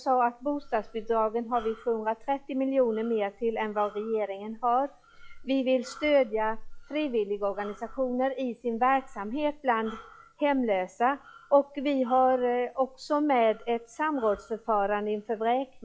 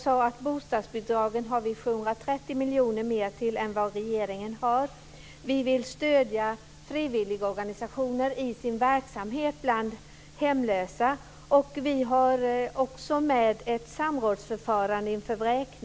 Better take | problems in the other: second | noise reduction (classical method log-MMSE)

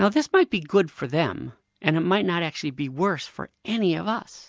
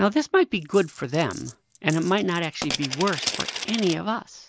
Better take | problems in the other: first | background sound (Coin (dropping)); 9 dB below the speech

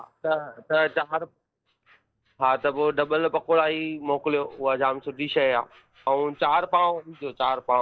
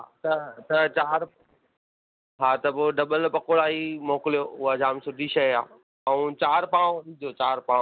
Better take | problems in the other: second | noise reduction (neural mask model DeepFilterNet 3)

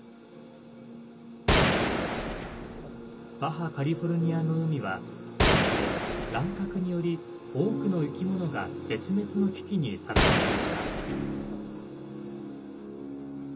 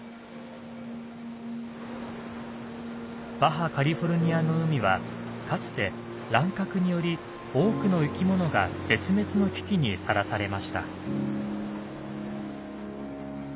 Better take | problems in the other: second | background sound (Gunshot, gunfire); 4 dB above the speech // room echo; dies away in 0.2 s

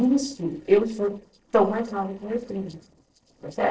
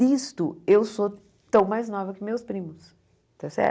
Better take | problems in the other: second | noise reduction (neural separator model SepFormer DNS4)

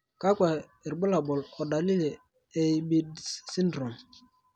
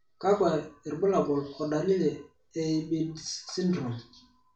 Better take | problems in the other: first | room echo; dies away in 0.3 s

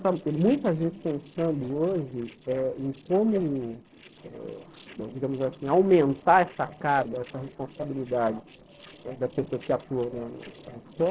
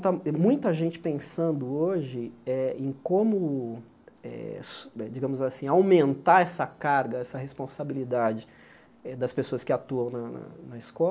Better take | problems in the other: second | noise reduction (neural separator model SepFormer DNS4)

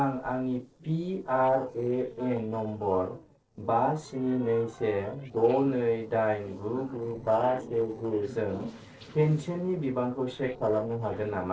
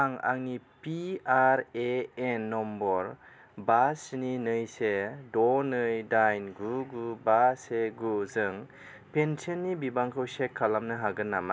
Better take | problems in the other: second | noise reduction (neural separator model SepFormer DNS4)

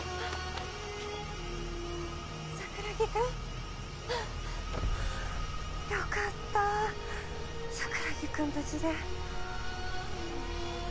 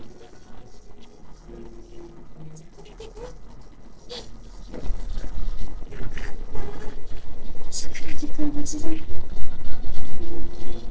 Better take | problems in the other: first | noise reduction (neural separator model SepFormer DNS4)

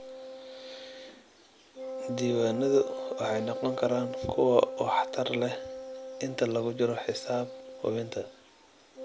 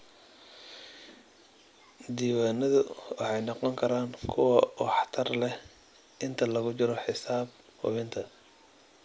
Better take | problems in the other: second | background sound (Wind instrument, woodwind instrument); 9 dB below the speech

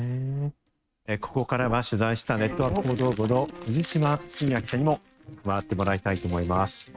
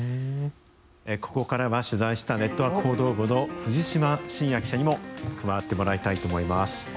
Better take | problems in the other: second | noise reduction (neural mask model RNNoise)

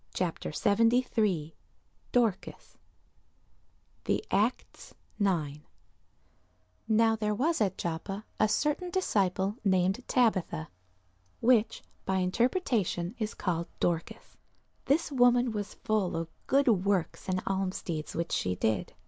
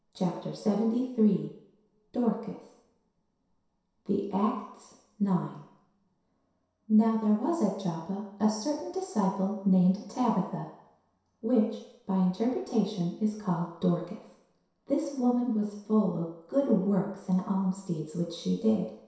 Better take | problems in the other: first | room echo; dies away in 0.7 s

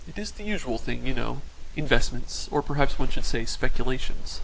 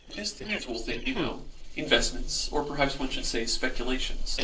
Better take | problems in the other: first | noise reduction (neural separator model SepFormer DNS4)

